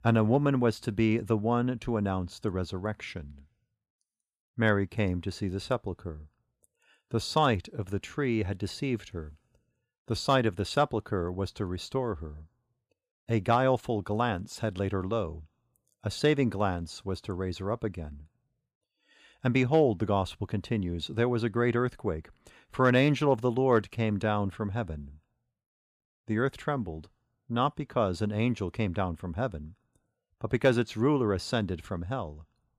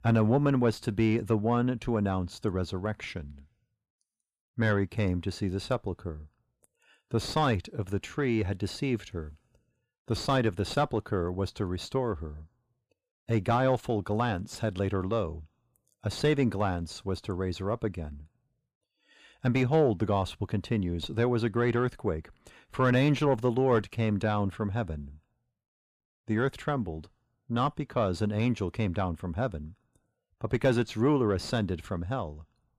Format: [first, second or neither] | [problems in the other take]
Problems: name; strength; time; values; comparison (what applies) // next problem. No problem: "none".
first | distortion; slight; 10 dB below the speech